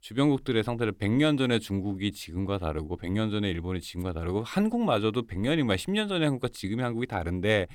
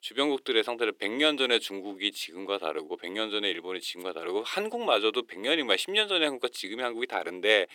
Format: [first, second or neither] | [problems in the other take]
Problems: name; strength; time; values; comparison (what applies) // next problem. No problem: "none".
first | thin; somewhat; fading below 400 Hz